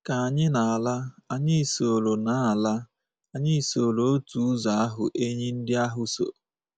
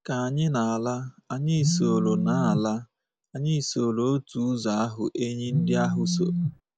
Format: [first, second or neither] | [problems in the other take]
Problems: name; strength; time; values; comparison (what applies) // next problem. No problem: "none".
first | background sound (Telephone); 1 dB above the speech